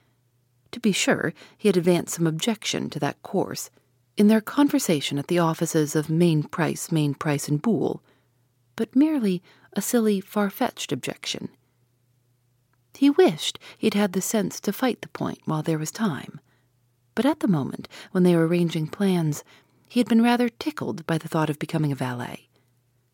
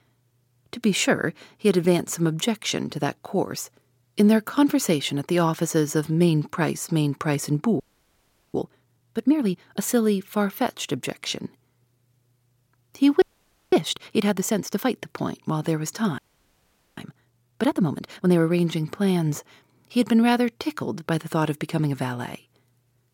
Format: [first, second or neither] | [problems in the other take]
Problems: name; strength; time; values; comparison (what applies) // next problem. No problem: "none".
first | audio freezing; at 8 s for 0.5 s, at 13 s for 0.5 s and at 16 s for 1 s